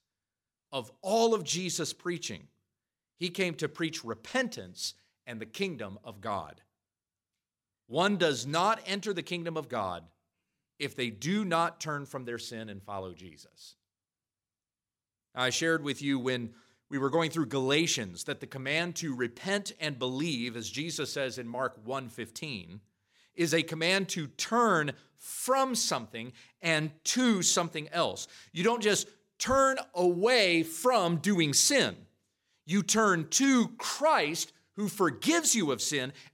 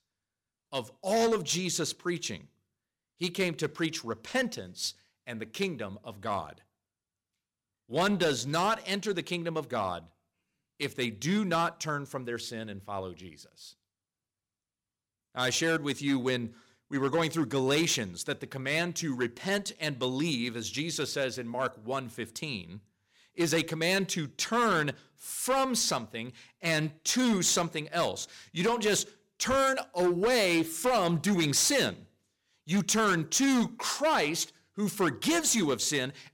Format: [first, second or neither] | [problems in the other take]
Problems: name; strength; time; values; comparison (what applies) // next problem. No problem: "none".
first | distortion; slight; 5% of the sound clipped